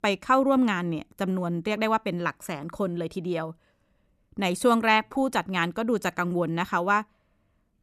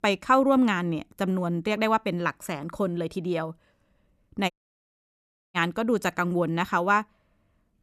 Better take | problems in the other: first | audio cutting out; at 4.5 s for 1 s

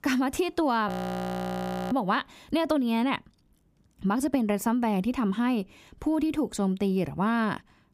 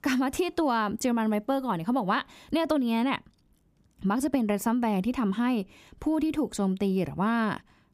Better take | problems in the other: second | audio freezing; at 1 s for 1 s

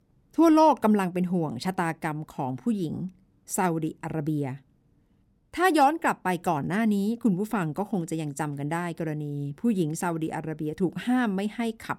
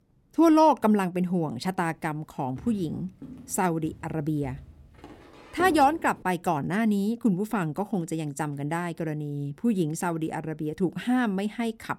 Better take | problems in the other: first | footsteps; faint; from 2.5 to 6 s; peak 10 dB below the speech

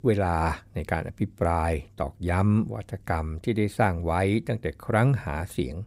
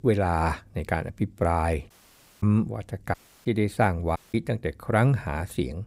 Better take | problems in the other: first | audio cutting out; at 2 s for 0.5 s, at 3 s and at 4 s

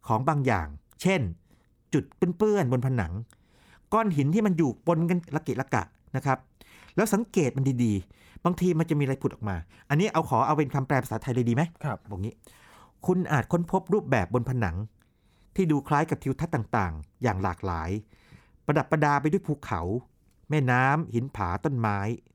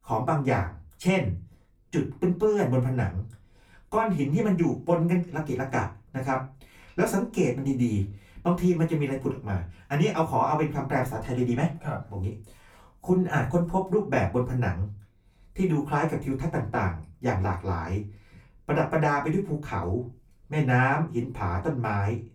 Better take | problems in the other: first | off-mic speech; far // room echo; very slight; dies away in 0.2 s

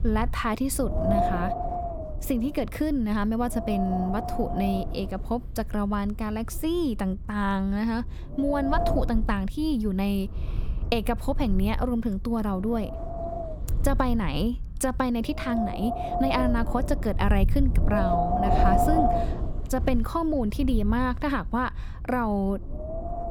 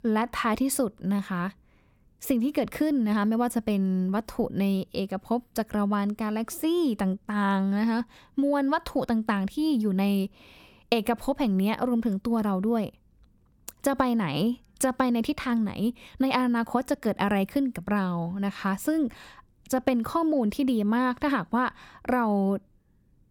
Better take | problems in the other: second | wind noise on the microphone; heavy; 1 dB above the speech

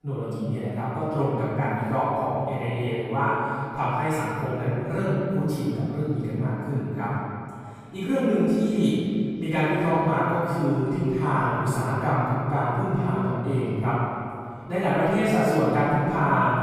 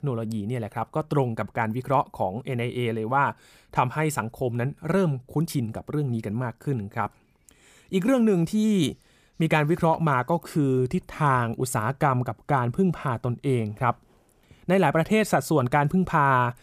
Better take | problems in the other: second | off-mic speech; far // room echo; strong; dies away in 2.3 s

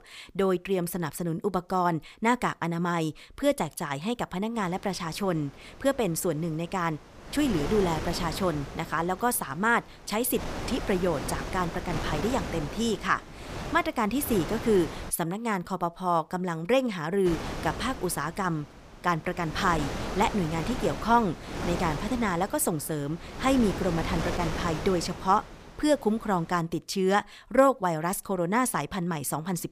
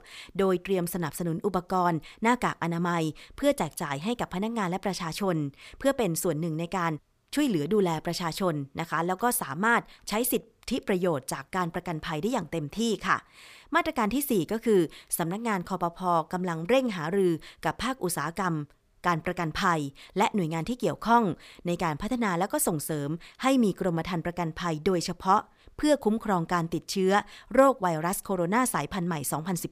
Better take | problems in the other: second | wind noise on the microphone; heavy; from 4.5 to 15 s and from 17 to 27 s; 9 dB below the speech

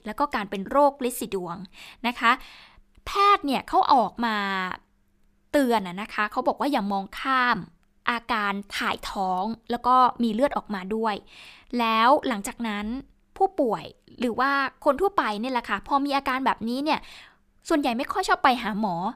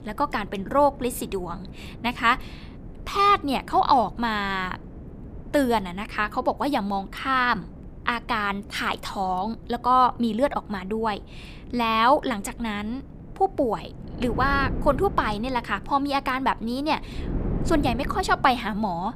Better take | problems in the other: first | wind noise on the microphone; occasional gusts; 20 dB below the speech

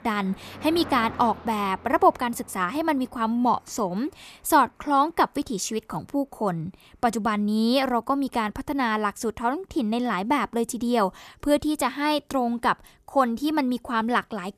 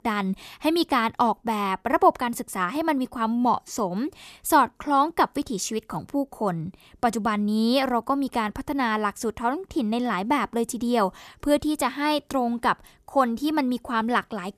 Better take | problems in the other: second | animal sounds; noticeable; throughout; 20 dB below the speech

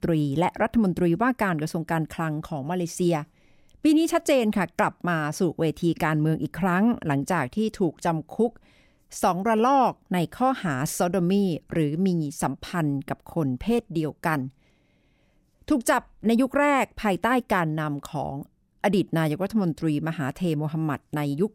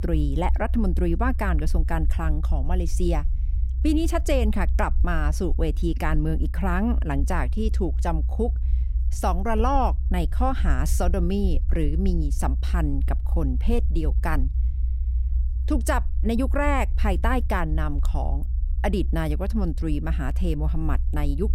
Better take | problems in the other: first | low rumble; noticeable; throughout; 20 dB below the speech

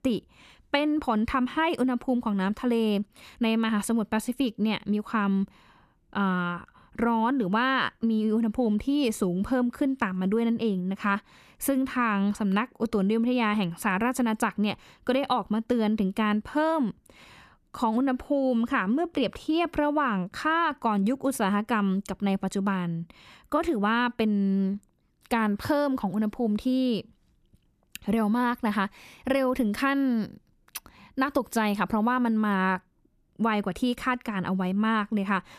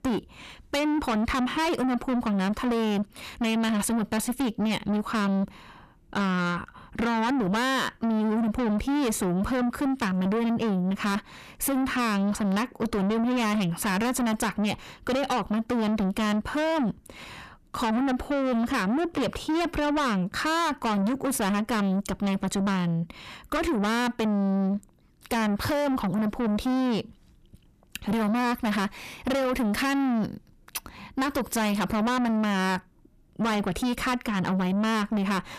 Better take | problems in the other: first | distortion; heavy; 7 dB below the speech

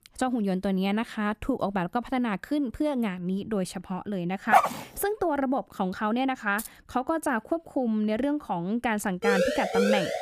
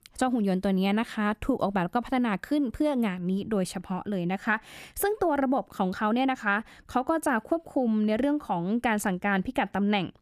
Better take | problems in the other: second | dog barking; loud; at 4.5 s; peak 6 dB above the speech // jangling keys; faint; at 6.5 s; peak 10 dB below the speech // siren; loud; at 9 s; peak 3 dB above the speech

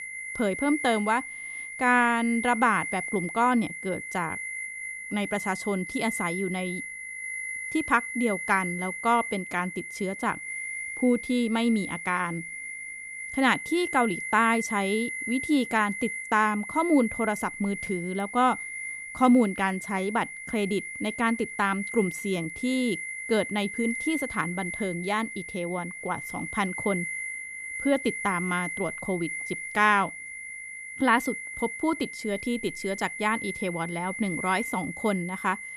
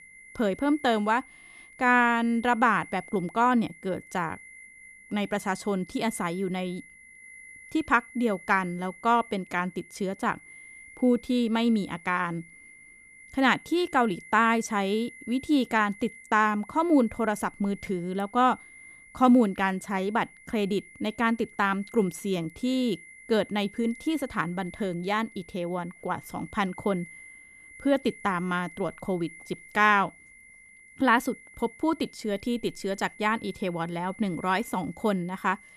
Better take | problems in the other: second | high-pitched whine; loud; throughout; 2 kHz, 7 dB below the speech; faint in the second

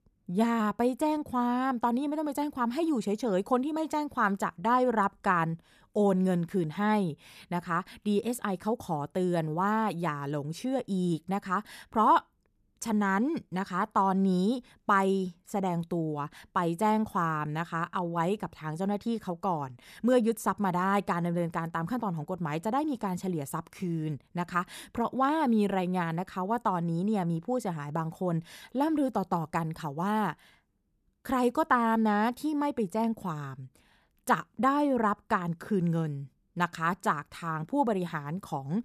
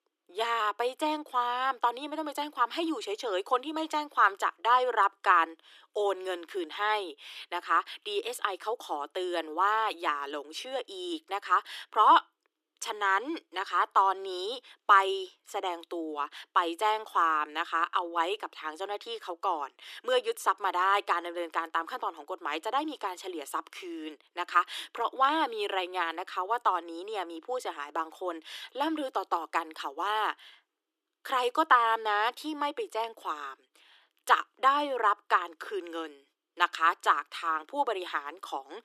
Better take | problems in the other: first | thin; very; fading below 300 Hz

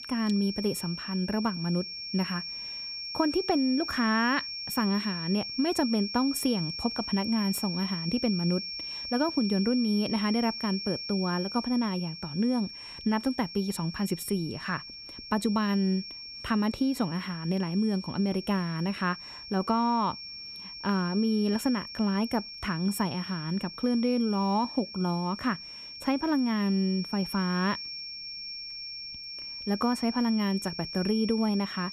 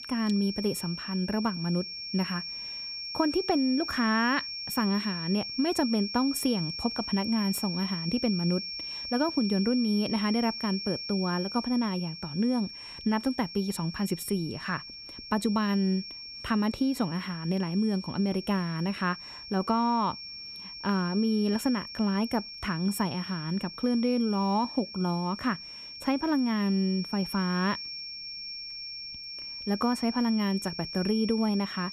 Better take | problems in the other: neither | high-pitched whine; loud; throughout; 5.5 kHz, 8 dB below the speech; the same in both

